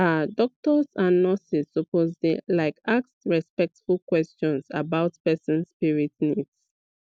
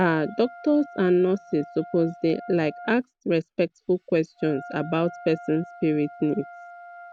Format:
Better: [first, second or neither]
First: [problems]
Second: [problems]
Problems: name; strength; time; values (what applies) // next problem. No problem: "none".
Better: first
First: none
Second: background sound (Wind instrument, woodwind instrument); 18 dB below the speech